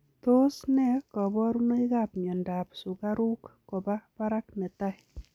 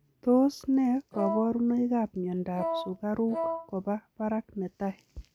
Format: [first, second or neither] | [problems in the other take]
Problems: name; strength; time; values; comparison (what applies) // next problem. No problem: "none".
first | background sound (Wind instrument, woodwind instrument); 6 dB below the speech